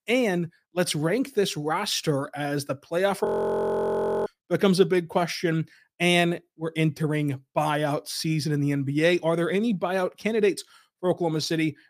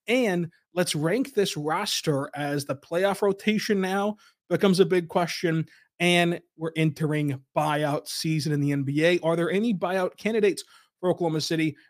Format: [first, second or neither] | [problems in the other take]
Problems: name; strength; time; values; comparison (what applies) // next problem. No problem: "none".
second | audio freezing; at 3.5 s for 1 s